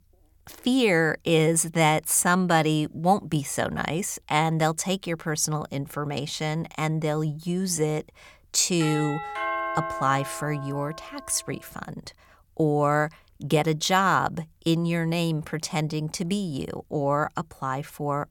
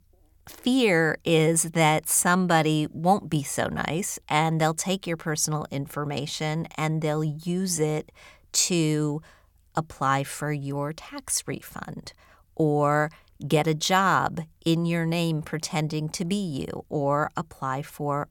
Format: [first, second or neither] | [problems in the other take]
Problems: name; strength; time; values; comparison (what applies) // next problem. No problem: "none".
second | doorbell; noticeable; from 9 to 11 s; peak 2 dB below the speech